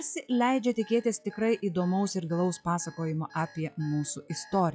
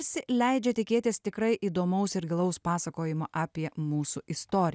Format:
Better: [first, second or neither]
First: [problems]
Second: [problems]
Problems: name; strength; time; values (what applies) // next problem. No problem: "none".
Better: second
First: noise reduction (classical method log-MMSE)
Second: none